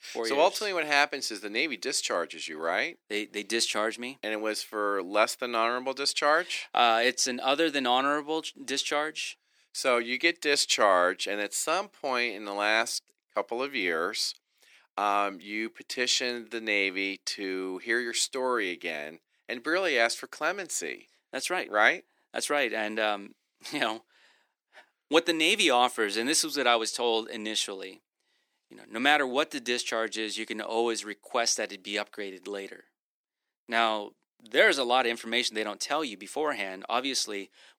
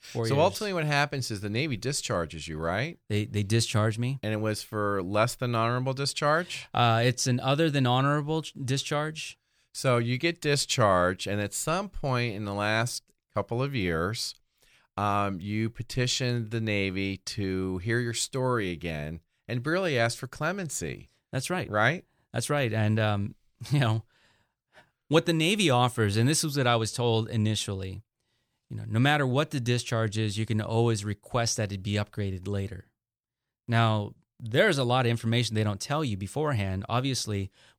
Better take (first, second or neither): second